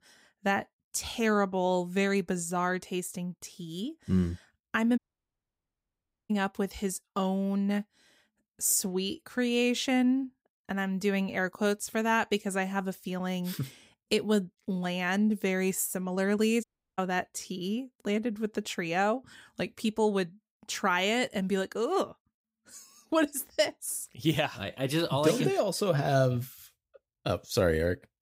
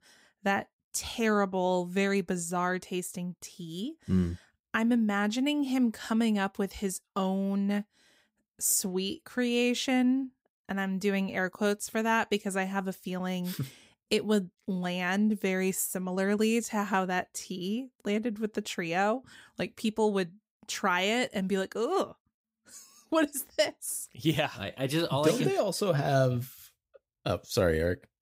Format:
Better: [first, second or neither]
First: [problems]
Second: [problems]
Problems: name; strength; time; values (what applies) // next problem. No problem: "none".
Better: second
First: audio cutting out; at 5 s for 1.5 s and at 17 s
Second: none